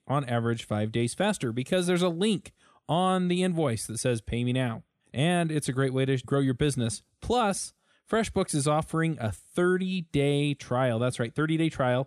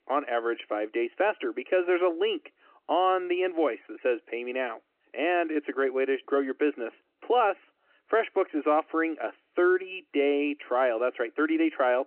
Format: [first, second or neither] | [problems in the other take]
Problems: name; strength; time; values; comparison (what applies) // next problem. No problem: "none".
first | phone-call audio